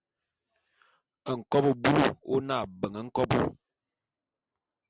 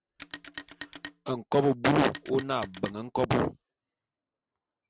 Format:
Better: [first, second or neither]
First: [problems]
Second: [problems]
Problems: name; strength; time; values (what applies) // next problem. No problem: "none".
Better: first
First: none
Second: background sound (Telephone); 17 dB below the speech